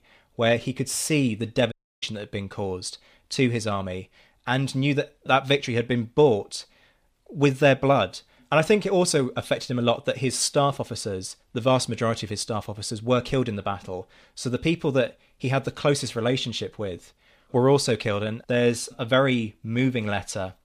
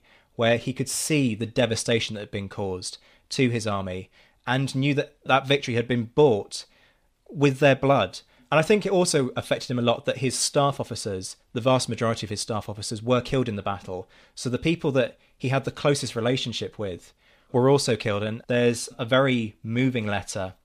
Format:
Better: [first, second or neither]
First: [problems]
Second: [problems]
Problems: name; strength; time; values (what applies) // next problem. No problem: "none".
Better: second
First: audio cutting out; at 1.5 s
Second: none